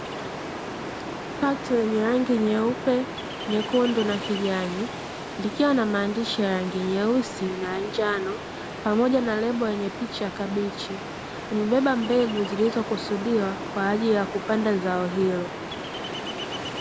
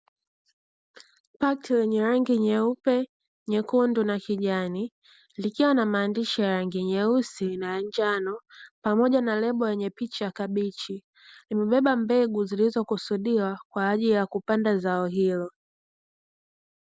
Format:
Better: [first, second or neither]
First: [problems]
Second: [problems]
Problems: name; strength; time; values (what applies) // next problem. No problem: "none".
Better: second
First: background sound (Ocean); 8 dB below the speech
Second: none